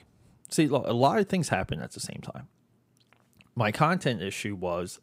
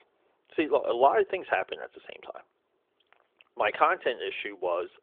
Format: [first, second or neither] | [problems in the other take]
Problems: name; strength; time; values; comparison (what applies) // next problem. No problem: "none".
first | phone-call audio